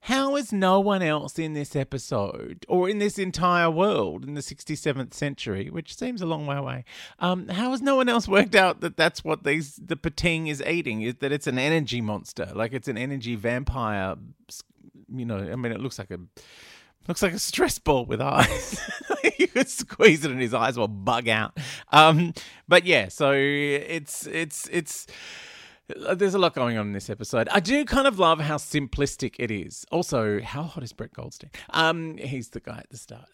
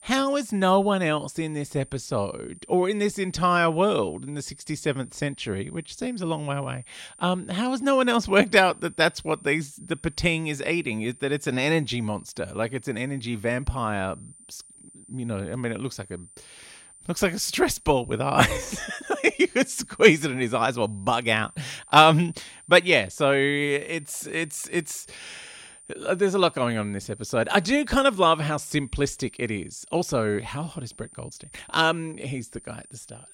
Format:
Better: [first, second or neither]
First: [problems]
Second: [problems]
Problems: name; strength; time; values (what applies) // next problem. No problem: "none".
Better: first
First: none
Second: high-pitched whine; faint; throughout; 9 kHz, 25 dB below the speech